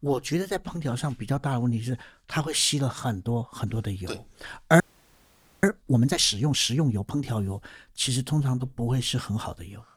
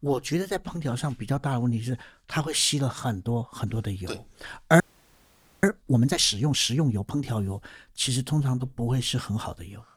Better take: neither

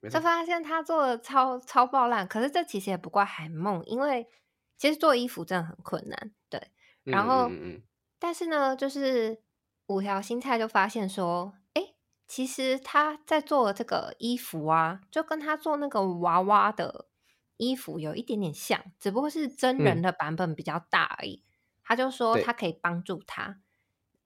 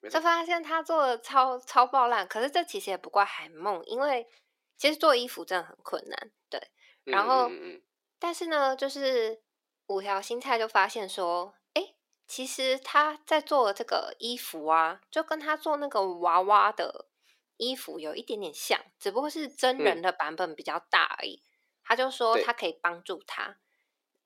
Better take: first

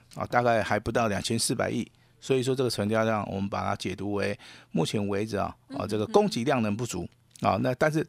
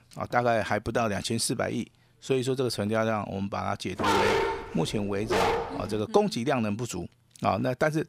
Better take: first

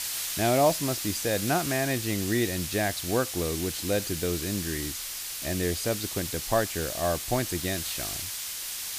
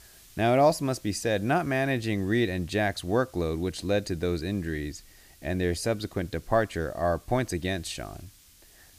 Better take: second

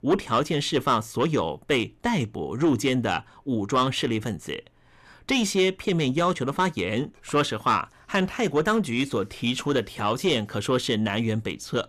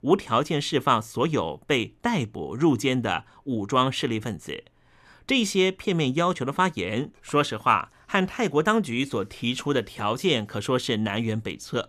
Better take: second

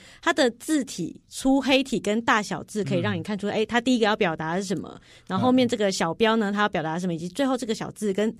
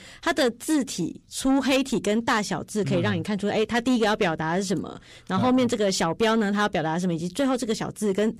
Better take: first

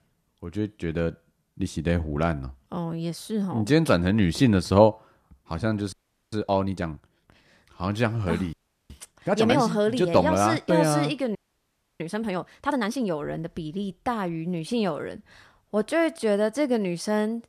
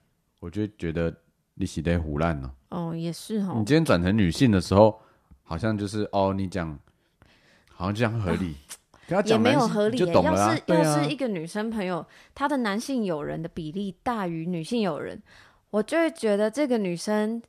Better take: second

